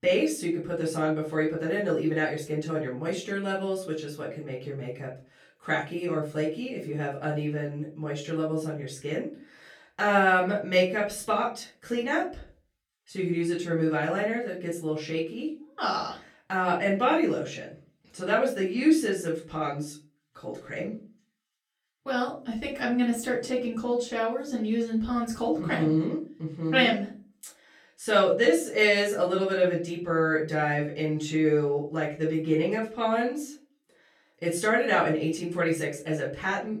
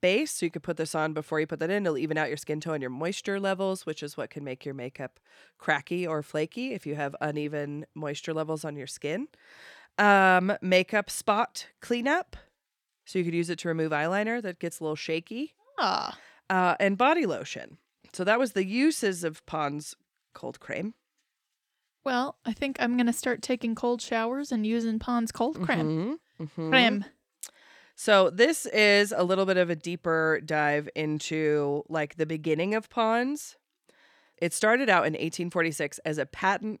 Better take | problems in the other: second | off-mic speech; far // room echo; slight; dies away in 0.3 s

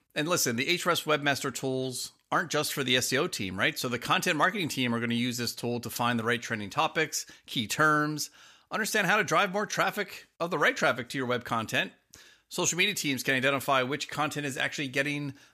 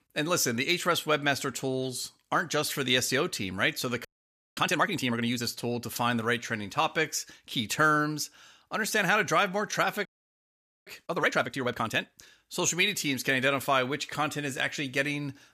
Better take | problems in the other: first | audio freezing; at 4 s for 0.5 s and at 10 s for 1 s

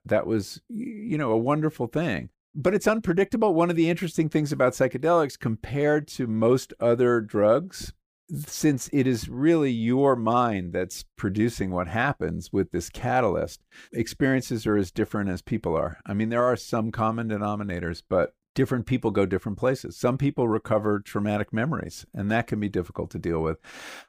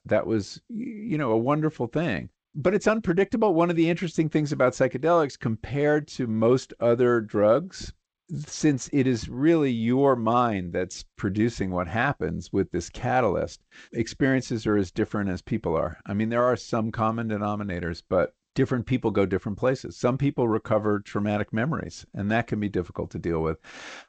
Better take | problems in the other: first | garbled, watery; slightly; nothing above 8 kHz

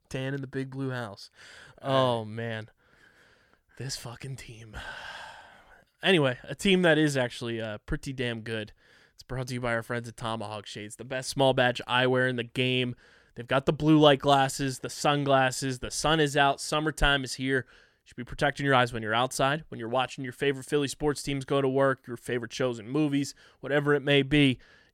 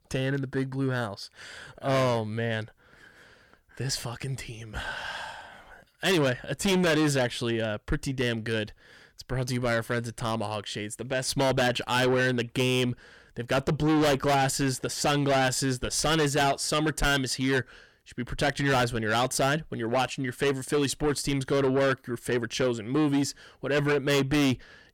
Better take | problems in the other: first | distortion; heavy; 6 dB below the speech

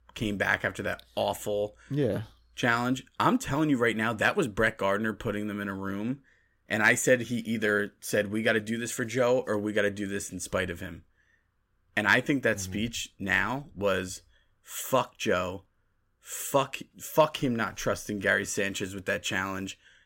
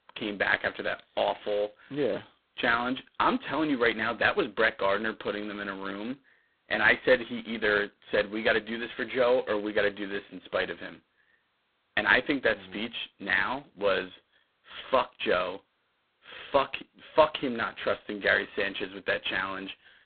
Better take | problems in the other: first | phone-call audio; poor line; nothing above 4 kHz

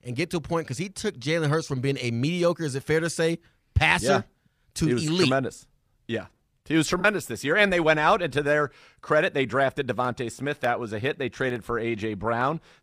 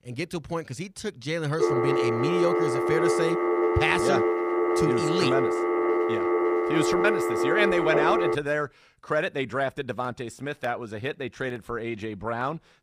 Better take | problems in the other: first | phone ringing; loud; from 1.5 to 8.5 s; peak 5 dB above the speech

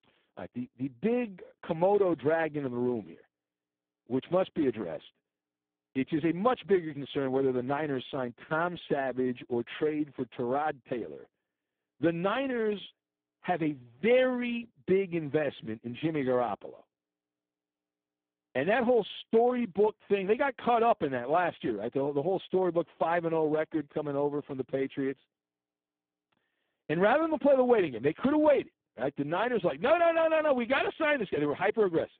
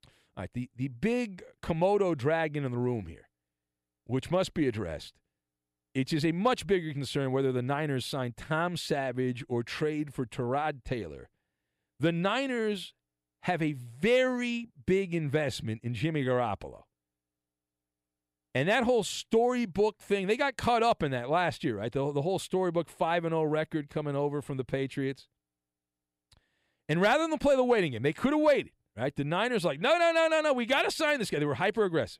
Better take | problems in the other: second | phone-call audio; poor line

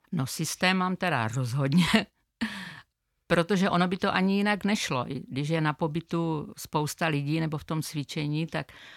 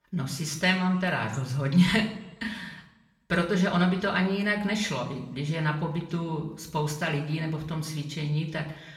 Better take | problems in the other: first | room echo; slight; dies away in 0.6 s // off-mic speech; far

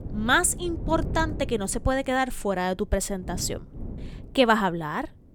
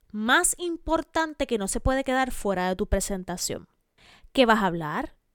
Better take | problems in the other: second | wind noise on the microphone; occasional gusts; 20 dB below the speech

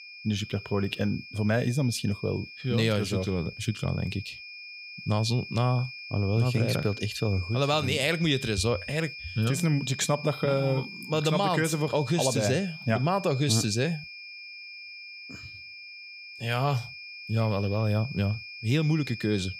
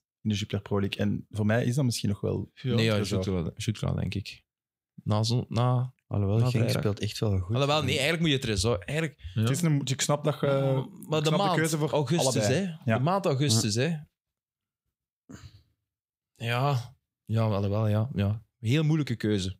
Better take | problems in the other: second | high-pitched whine; noticeable; throughout; 2.5 kHz, 10 dB below the speech

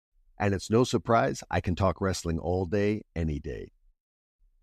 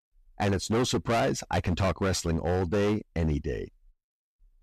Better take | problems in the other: first | distortion; heavy; 14% of the sound clipped

